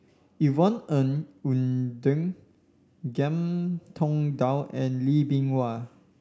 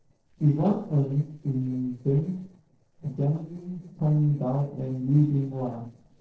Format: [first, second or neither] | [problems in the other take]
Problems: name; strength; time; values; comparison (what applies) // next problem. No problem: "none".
first | noise reduction (neural separator model SepFormer DNS4)